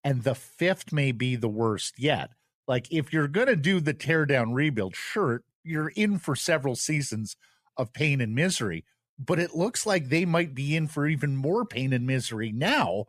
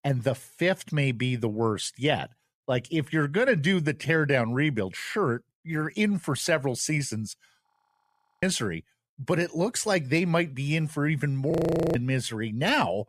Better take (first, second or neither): first